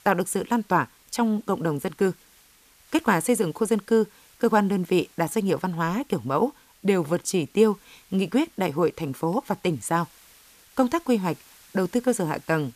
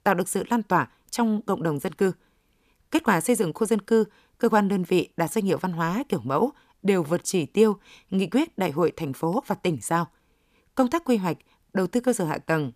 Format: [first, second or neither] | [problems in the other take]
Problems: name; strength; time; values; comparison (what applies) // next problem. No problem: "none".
second | hiss; faint; throughout; 30 dB below the speech